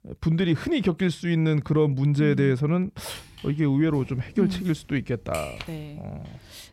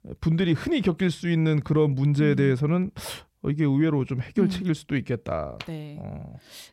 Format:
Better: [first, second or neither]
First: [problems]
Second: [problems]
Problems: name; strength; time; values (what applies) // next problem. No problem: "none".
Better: second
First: footsteps; faint; from 3 s on; peak 15 dB below the speech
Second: none